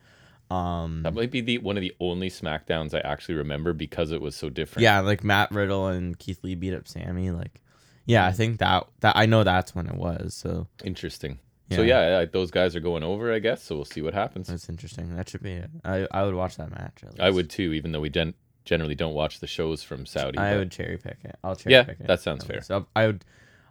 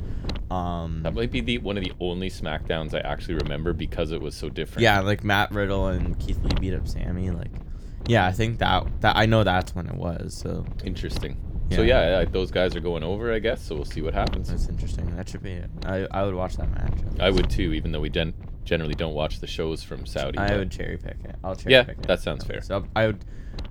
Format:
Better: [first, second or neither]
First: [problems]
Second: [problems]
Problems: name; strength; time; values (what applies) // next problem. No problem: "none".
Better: first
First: none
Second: wind noise on the microphone; occasional gusts; 20 dB below the speech